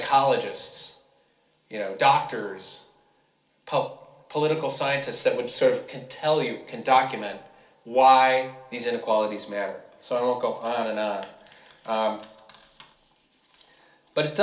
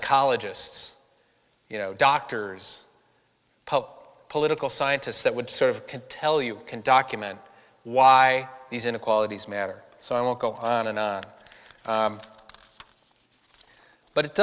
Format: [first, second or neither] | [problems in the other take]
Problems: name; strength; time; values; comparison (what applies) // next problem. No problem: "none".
second | room echo; dies away in 0.4 s